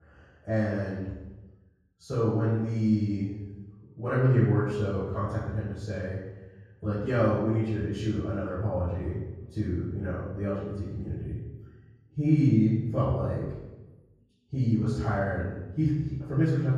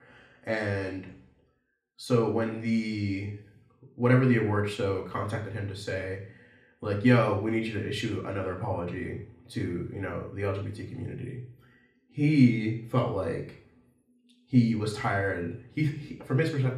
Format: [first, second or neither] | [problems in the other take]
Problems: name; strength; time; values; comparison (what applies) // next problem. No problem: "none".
second | room echo; strong; dies away in 1.3 s; slight in the second // off-mic speech; far; far in the second